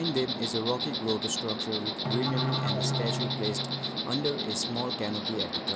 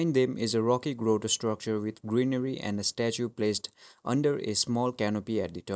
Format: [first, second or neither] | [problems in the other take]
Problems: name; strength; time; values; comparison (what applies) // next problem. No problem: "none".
second | background sound (Musical instrument + Insect); 2 dB above the speech